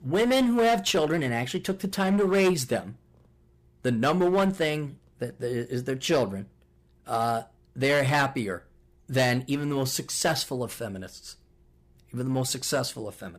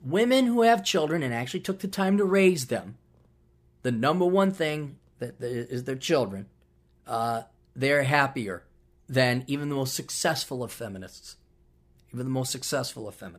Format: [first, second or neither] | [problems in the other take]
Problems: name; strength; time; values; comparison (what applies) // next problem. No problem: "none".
second | distortion; slight; 6% of the sound clipped